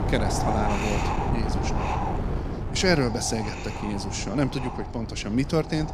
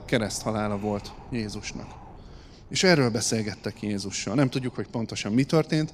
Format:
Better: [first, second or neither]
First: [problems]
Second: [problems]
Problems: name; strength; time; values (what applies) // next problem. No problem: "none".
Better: second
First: wind noise on the microphone; heavy; 1 dB below the speech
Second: wind noise on the microphone; occasional gusts; 20 dB below the speech